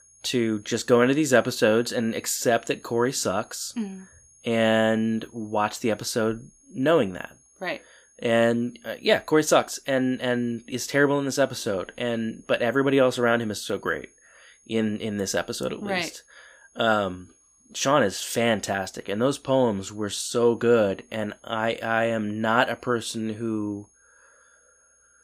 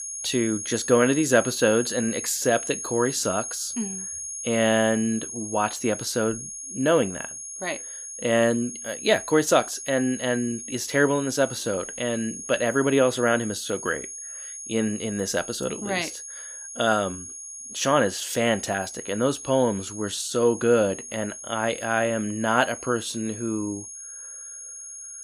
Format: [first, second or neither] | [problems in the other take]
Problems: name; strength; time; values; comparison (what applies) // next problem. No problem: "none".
first | high-pitched whine; loud; throughout; 6.5 kHz, 9 dB below the speech; faint in the first